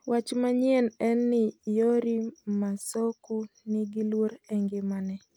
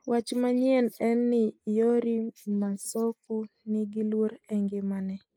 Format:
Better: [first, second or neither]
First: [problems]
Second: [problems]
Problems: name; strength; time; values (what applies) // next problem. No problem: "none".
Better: first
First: none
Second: noise reduction (neural mask model Resemble Enhance denoiser)